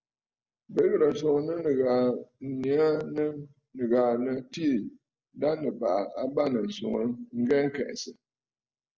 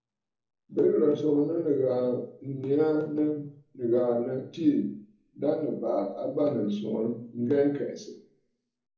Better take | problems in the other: first | room echo; dies away in 1 s

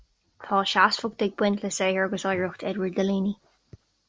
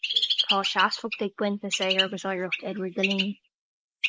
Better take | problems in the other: first | noise reduction (neural mask model Resemble Enhance denoiser)

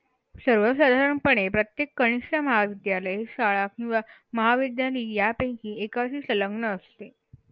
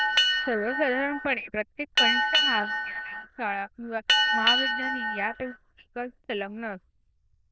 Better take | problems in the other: first | noise reduction (neural diffusion model UNIVERSE++)

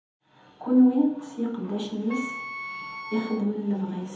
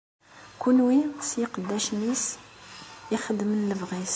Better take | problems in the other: second | background sound (Wind instrument, woodwind instrument); 13 dB below the speech // room echo; dies away in 1.1 s

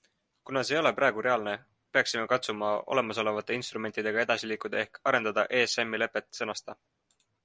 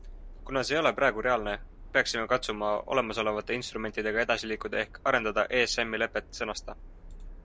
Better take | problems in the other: first | background sound (Subway, metro, underground); 17 dB below the speech

